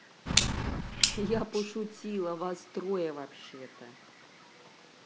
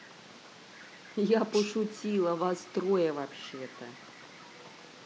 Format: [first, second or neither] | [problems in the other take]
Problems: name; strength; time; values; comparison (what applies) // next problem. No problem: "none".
second | background sound (Clock); 5 dB above the speech